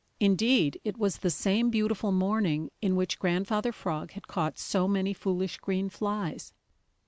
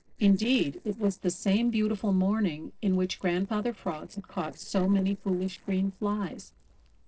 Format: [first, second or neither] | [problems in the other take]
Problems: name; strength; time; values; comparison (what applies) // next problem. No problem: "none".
first | noise reduction (neural separator model SepFormer DNS4)